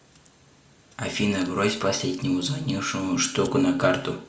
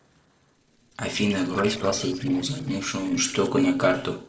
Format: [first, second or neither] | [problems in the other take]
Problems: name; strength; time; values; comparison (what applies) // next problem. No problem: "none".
first | noise reduction (neural separator model SepFormer DNS4)